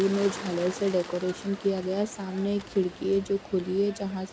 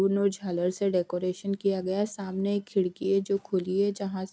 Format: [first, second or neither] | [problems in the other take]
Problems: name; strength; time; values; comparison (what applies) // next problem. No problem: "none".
second | background sound (Bird); 14 dB below the speech